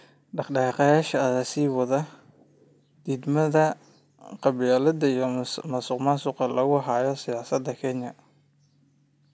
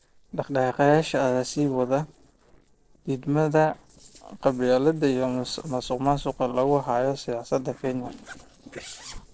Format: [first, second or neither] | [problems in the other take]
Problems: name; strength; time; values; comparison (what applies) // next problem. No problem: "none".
first | noise reduction (neural separator model SepFormer DNS4)